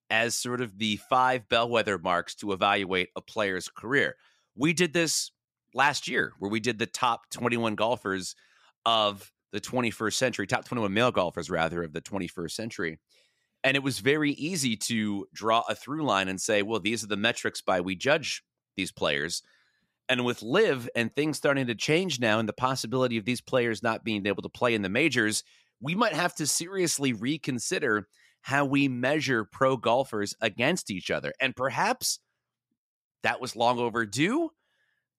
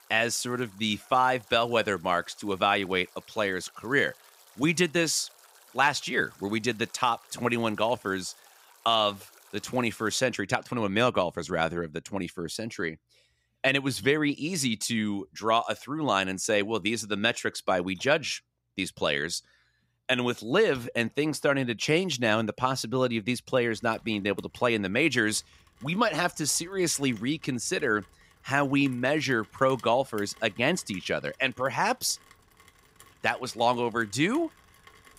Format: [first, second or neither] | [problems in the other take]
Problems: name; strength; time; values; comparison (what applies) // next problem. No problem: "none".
first | rain or running water; faint; throughout; 25 dB below the speech